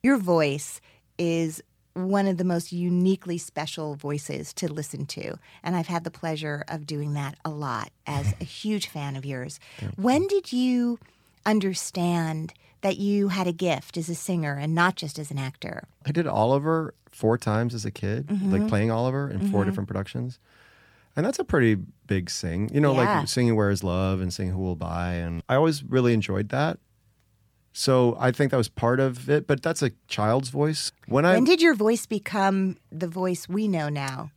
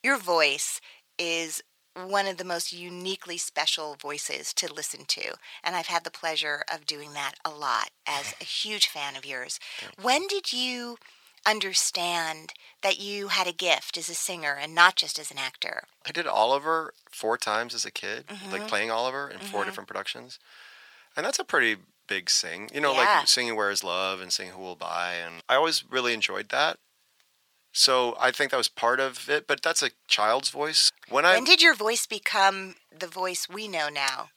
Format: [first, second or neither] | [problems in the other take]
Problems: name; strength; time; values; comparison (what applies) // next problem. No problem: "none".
first | thin; very; fading below 750 Hz